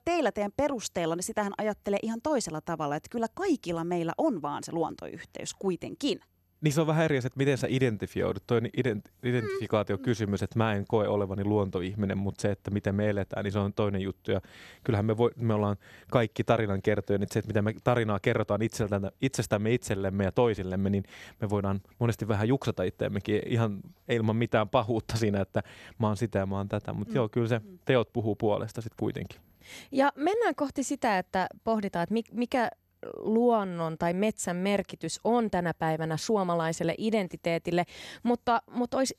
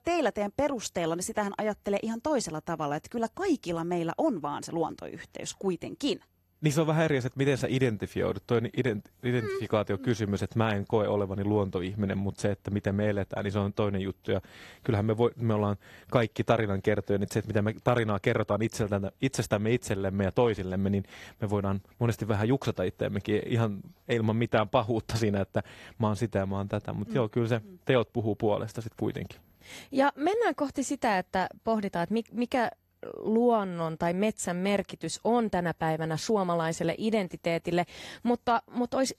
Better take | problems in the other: first | garbled, watery; slightly; nothing above 13.5 kHz

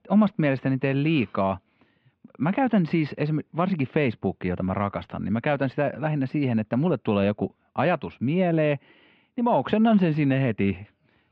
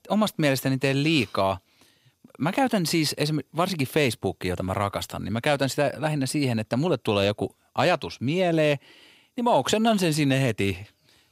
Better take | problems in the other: second | muffled; very; fading above 2.5 kHz

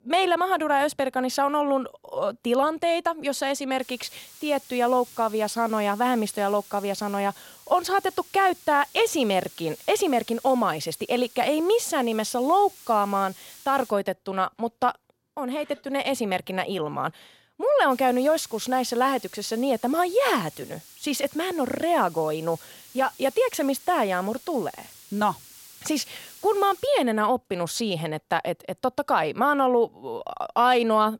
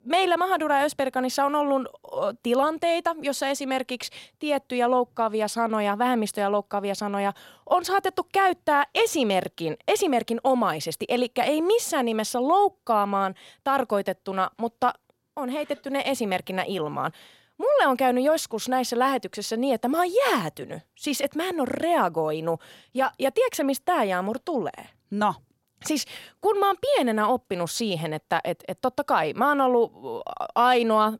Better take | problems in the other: second | hiss; faint; from 4 to 14 s and from 18 to 27 s; 20 dB below the speech

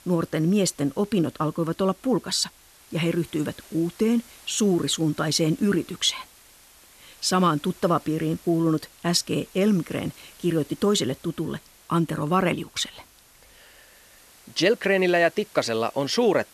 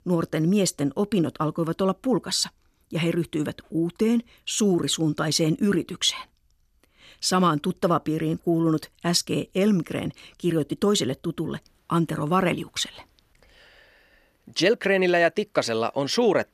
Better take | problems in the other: second | hiss; faint; throughout; 25 dB below the speech

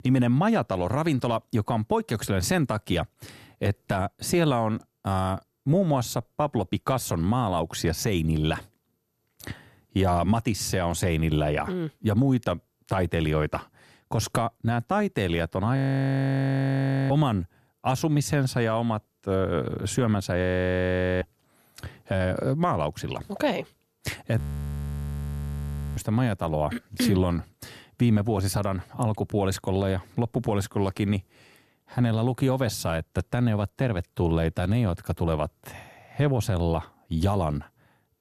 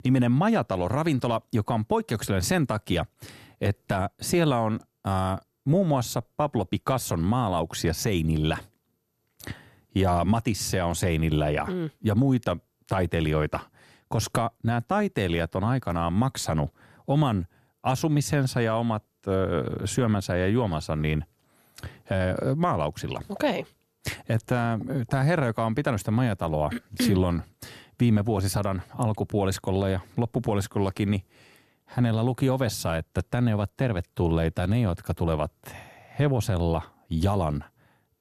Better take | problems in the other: second | audio freezing; at 16 s for 1.5 s, at 20 s for 1 s and at 24 s for 1.5 s

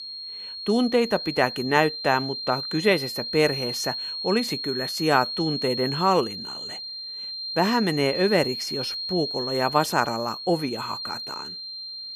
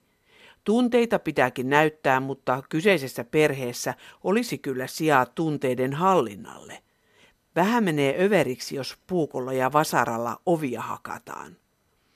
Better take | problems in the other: second | high-pitched whine; loud; throughout; 4 kHz, 5 dB below the speech

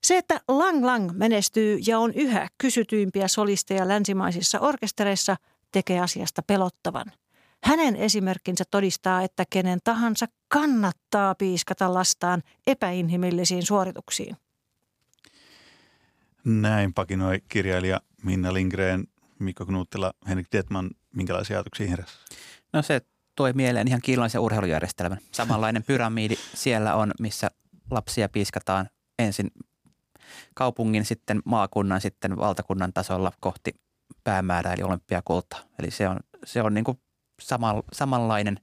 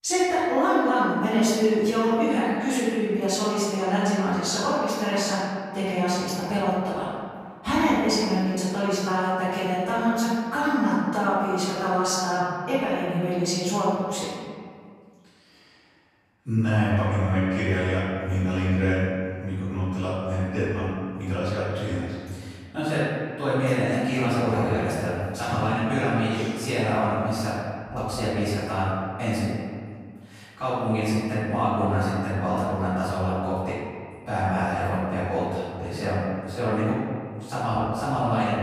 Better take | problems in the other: first | off-mic speech; far // room echo; strong; dies away in 1.9 s

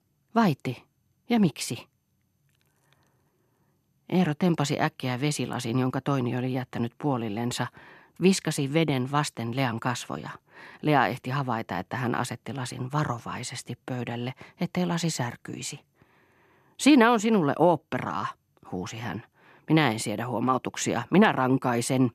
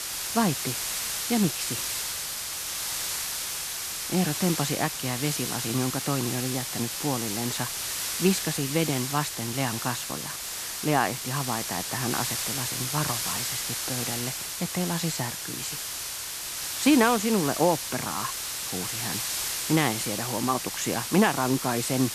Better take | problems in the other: first | hiss; loud; throughout; 1 dB below the speech

